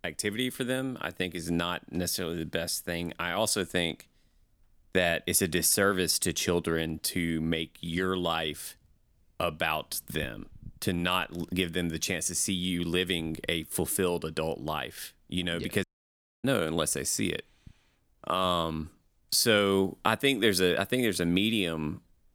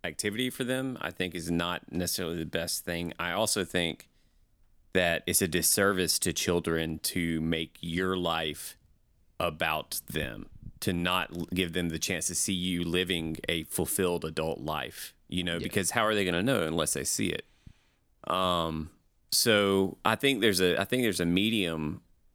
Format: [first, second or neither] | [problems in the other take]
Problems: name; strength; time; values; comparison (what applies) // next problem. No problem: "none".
second | audio cutting out; at 16 s for 0.5 s